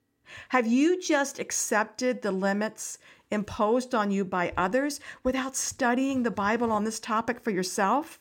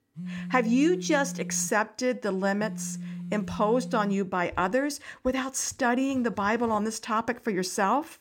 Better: first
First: none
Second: phone ringing; noticeable; until 4 s; peak 9 dB below the speech

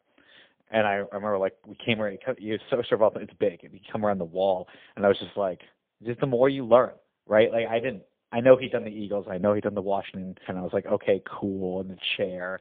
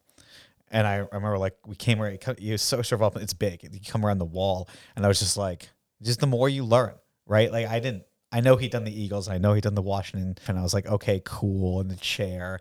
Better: second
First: phone-call audio; poor line; nothing above 3.5 kHz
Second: none

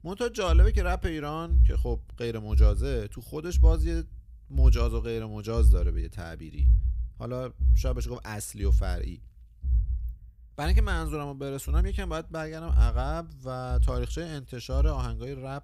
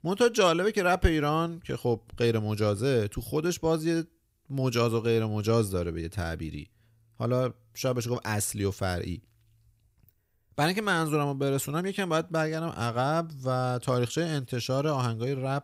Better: second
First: low rumble; noticeable; throughout; 10 dB below the speech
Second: none

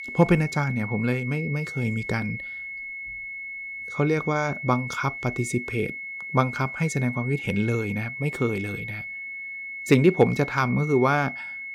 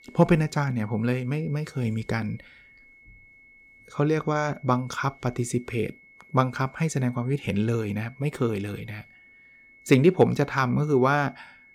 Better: second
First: high-pitched whine; loud; throughout; 2 kHz, 8 dB below the speech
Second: high-pitched whine; faint; throughout; 2 kHz, 25 dB below the speech

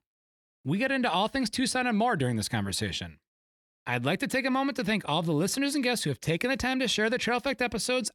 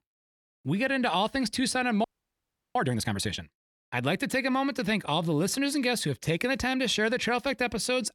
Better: first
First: none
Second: audio freezing; at 2 s for 0.5 s

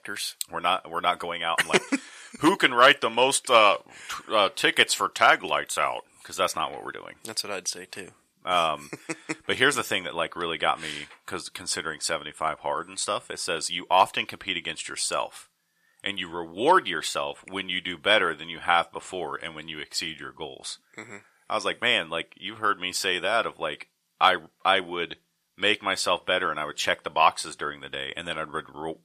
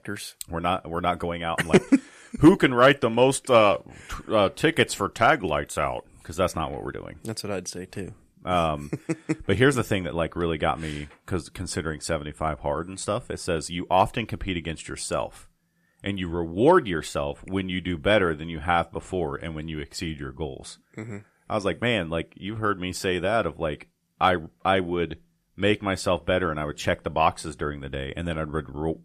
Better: second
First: thin; somewhat; fading below 1 kHz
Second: none

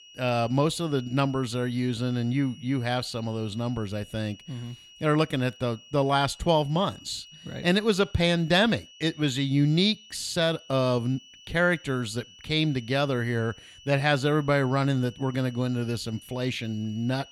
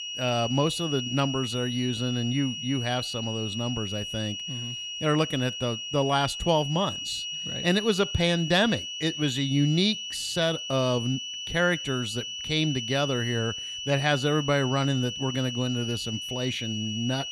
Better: first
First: high-pitched whine; faint; throughout; 3 kHz, 20 dB below the speech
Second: high-pitched whine; loud; throughout; 3 kHz, 5 dB below the speech

